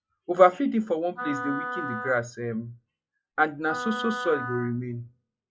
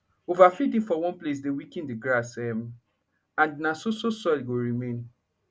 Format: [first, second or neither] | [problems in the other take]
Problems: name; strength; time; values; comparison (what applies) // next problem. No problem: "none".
second | noise reduction (classical method log-MMSE)